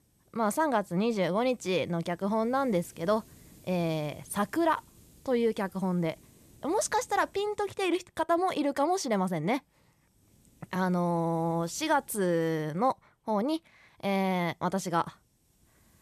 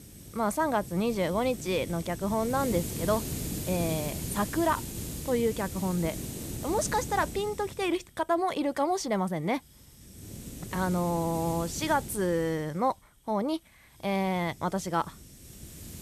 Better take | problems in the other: first | hiss; loud; throughout; 8 dB below the speech; faint in the first

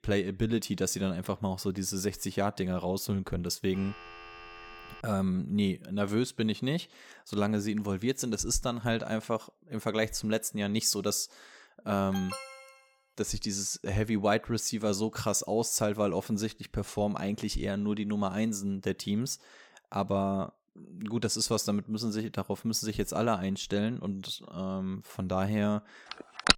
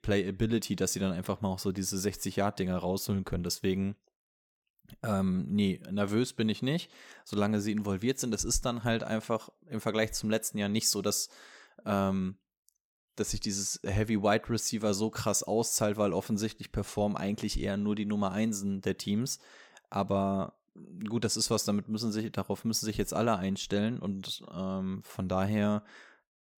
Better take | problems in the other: second | phone ringing; faint; from 3.5 to 5 s; peak 15 dB below the speech // alarm; noticeable; at 12 s; peak 9 dB below the speech // phone ringing; loud; at 26 s; peak 6 dB above the speech

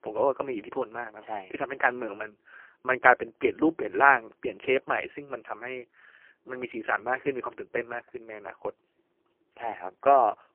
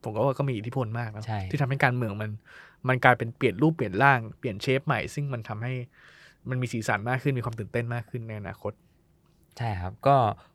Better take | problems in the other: second | phone-call audio; poor line; nothing above 3 kHz

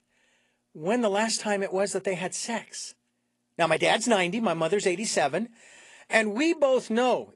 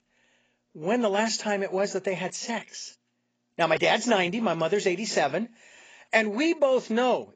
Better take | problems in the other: first | garbled, watery; badly; nothing above 7.5 kHz; slightly in the first

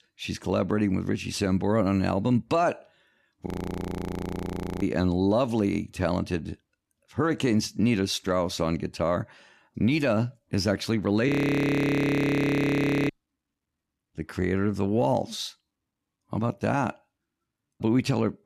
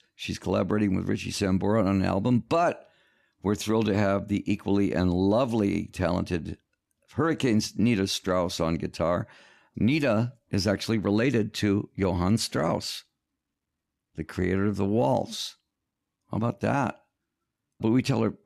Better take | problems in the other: second | audio freezing; at 3.5 s for 1.5 s and at 11 s for 2 s

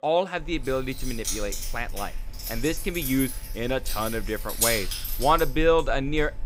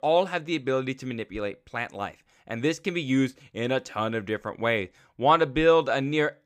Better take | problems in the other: second | jangling keys; loud; peak 3 dB above the speech

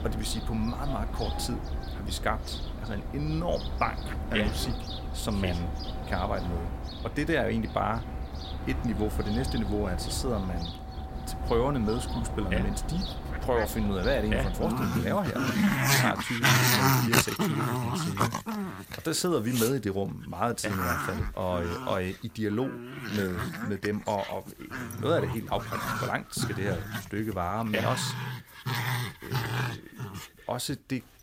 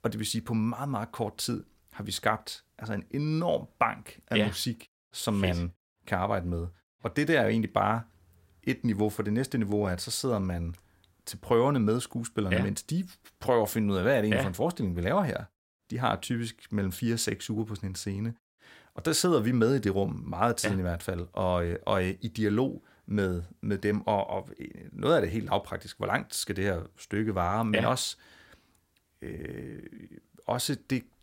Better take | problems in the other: second | animal sounds; loud; throughout; as loud as the speech

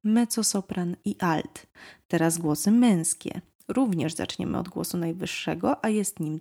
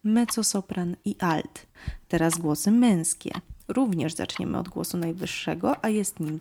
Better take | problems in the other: first | household noises; noticeable; throughout; 20 dB below the speech

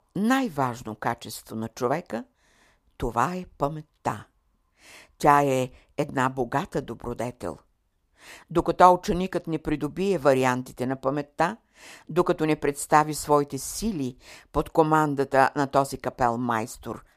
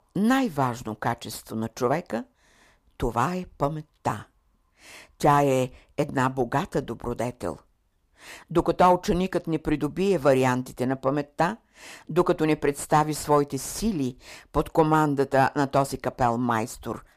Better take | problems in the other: first | distortion; slight; 10 dB below the speech

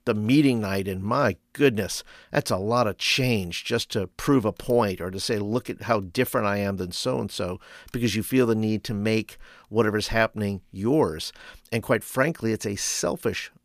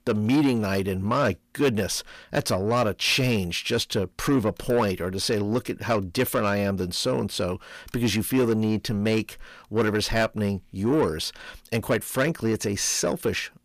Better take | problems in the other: first | distortion; slight; 10 dB below the speech

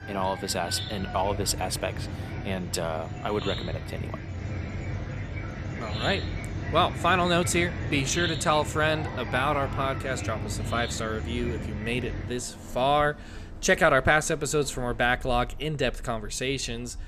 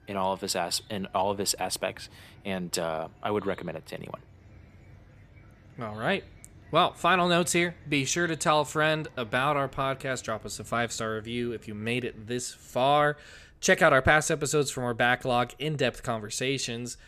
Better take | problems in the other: second | animal sounds; loud; throughout; 8 dB below the speech; faint in the second

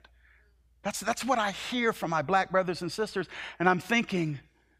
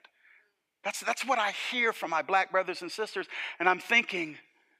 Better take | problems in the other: first | thin; somewhat; fading below 300 Hz

